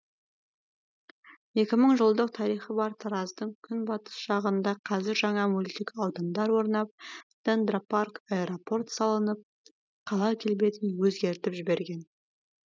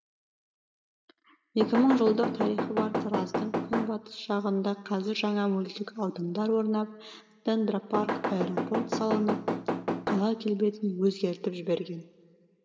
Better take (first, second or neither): first